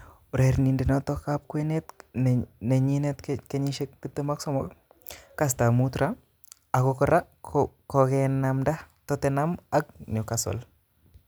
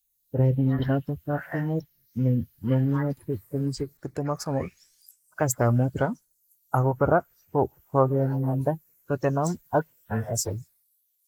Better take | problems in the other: first | noise reduction (neural mask model Resemble Enhance denoiser)

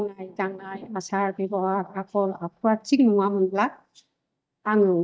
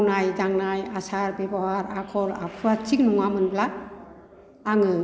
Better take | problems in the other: second | noise reduction (neural mask model DeepFilterNet 3)

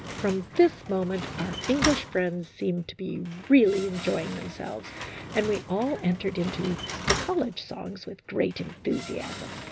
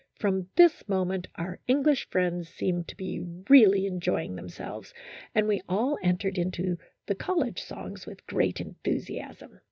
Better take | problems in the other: second | background sound (Slam); 9 dB below the speech

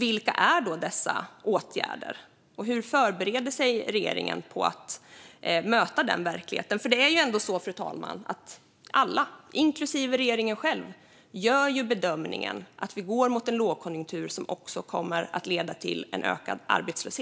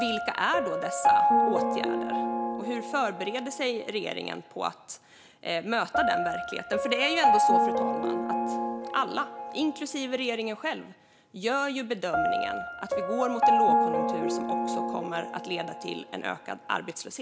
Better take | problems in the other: first | background sound (Piano); 3 dB above the speech

